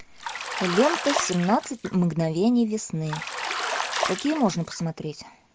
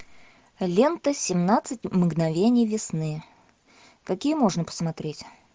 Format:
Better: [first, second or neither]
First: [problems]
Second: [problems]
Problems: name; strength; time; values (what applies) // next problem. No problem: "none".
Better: second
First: background sound (Bathtub (filling or washing)); 6 dB below the speech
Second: none